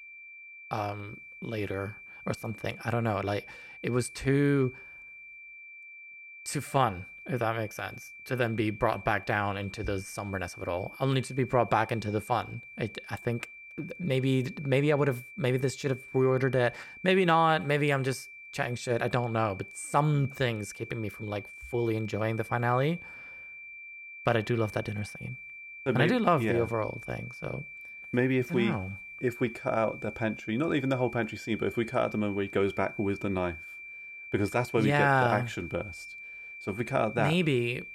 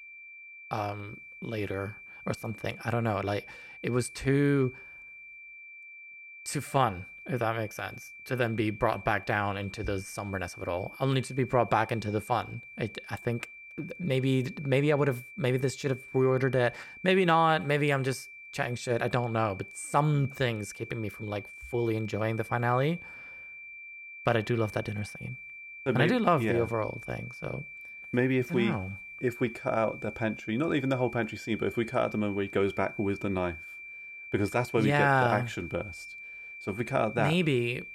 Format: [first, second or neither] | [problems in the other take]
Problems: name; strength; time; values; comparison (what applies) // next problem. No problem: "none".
neither | high-pitched whine; noticeable; throughout; 2.5 kHz, 15 dB below the speech; the same in both